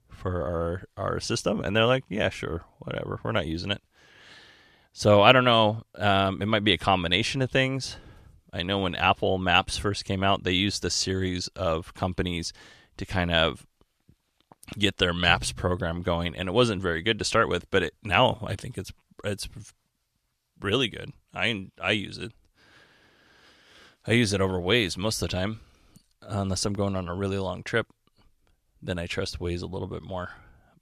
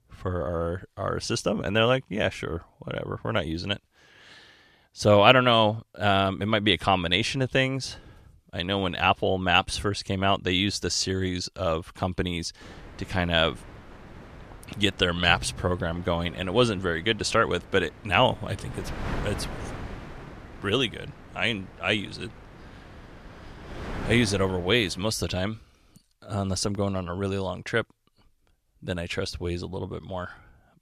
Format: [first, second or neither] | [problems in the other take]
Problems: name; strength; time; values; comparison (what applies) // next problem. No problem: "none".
first | wind noise on the microphone; occasional gusts; from 13 to 25 s; 20 dB below the speech